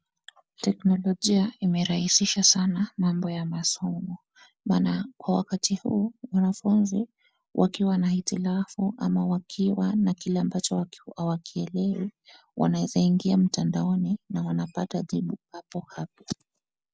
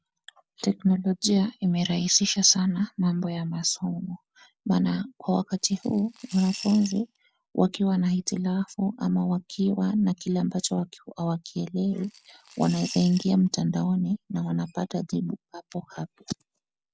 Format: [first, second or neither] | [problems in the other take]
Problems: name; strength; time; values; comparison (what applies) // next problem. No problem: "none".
first | background sound (Coin (dropping) / Glass); 17 dB below the speech